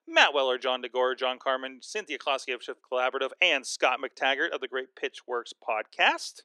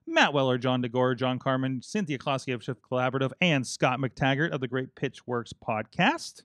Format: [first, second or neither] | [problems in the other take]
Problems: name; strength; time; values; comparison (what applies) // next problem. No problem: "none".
second | thin; very; fading below 350 Hz